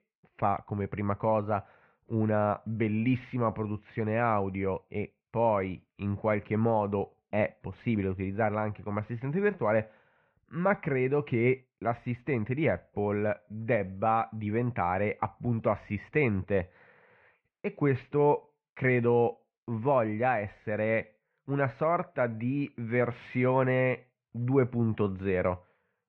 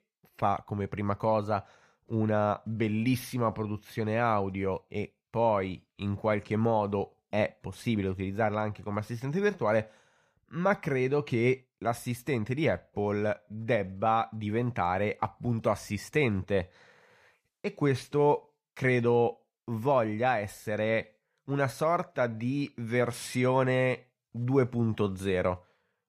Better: second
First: muffled; very; fading above 2.5 kHz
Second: none

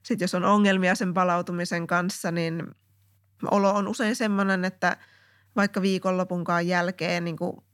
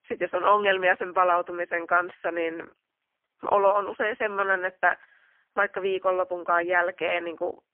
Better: first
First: none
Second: phone-call audio; poor line; nothing above 3 kHz

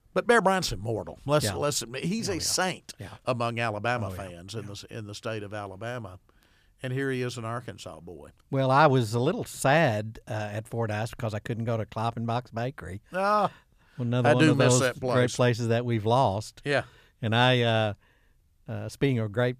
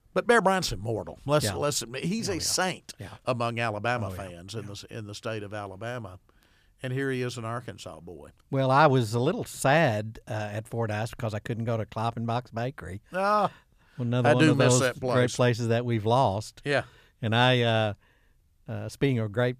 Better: neither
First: none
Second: none

